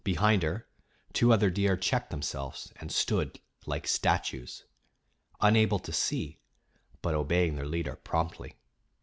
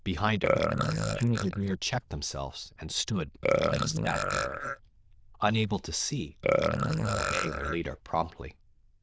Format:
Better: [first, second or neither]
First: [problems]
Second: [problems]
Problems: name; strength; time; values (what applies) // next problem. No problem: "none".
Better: first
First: none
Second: noise reduction (neural diffusion model UNIVERSE++)